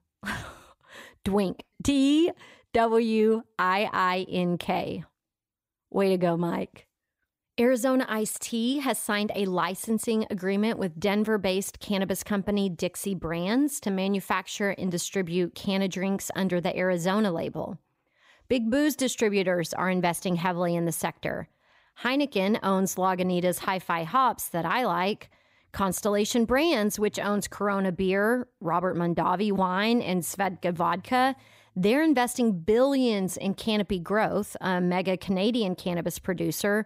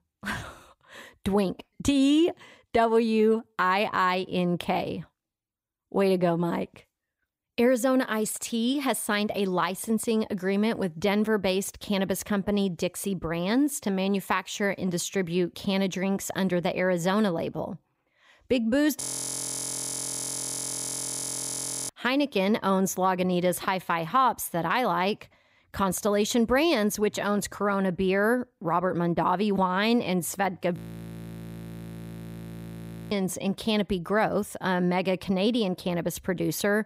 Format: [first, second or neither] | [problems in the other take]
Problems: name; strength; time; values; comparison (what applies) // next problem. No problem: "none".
first | audio freezing; at 19 s for 3 s and at 31 s for 2.5 s